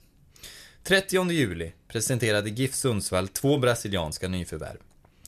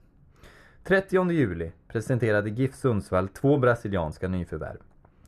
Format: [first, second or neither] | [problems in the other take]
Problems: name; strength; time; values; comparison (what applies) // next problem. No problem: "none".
first | muffled; very; fading above 2 kHz